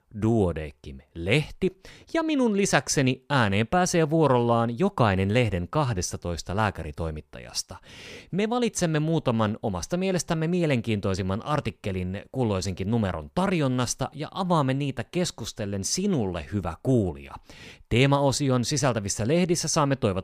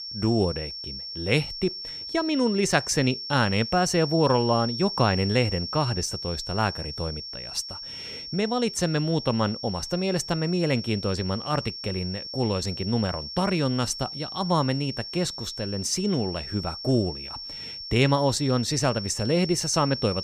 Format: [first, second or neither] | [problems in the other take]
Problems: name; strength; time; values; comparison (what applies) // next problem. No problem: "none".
first | high-pitched whine; loud; throughout; 5.5 kHz, 8 dB below the speech